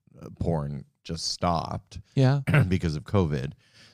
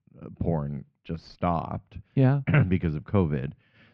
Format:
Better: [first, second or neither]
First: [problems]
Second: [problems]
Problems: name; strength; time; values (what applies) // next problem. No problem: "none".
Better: first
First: none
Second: muffled; very; fading above 2.5 kHz